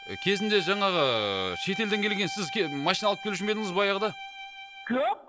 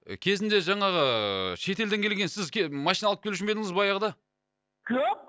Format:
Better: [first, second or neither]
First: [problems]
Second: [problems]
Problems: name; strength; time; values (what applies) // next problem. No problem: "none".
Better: second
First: background sound (Bowed string instrument); 11 dB below the speech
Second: none